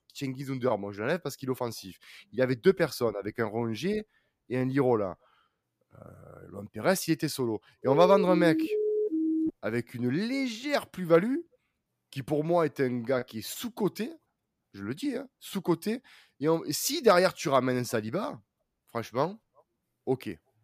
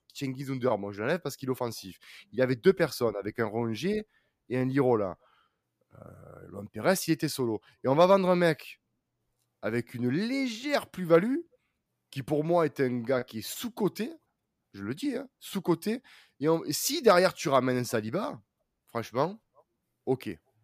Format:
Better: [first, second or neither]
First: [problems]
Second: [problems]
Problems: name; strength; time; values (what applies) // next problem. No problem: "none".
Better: second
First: siren; loud; from 8 to 9.5 s; peak 1 dB above the speech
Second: none